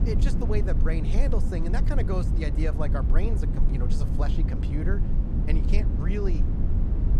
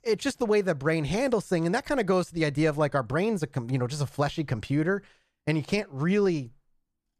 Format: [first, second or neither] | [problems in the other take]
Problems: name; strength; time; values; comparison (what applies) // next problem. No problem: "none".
second | low rumble; loud; throughout; 4 dB below the speech